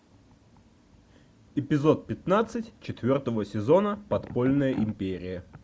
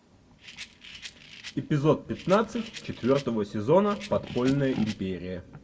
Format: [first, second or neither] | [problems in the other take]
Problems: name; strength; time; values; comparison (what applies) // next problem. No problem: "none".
first | background sound (Rattle); 19 dB below the speech // room echo; dies away in 1.5 s